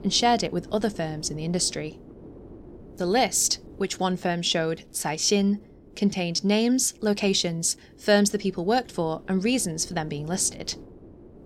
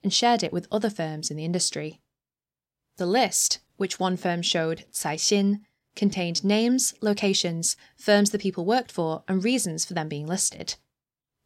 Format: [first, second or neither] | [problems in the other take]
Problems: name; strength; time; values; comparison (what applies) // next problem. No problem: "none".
second | wind noise on the microphone; occasional gusts; 25 dB below the speech